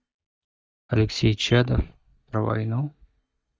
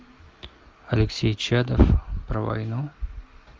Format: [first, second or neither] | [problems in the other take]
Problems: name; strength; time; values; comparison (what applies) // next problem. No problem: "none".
second | noise reduction (neural mask model DeepFilterNet 3)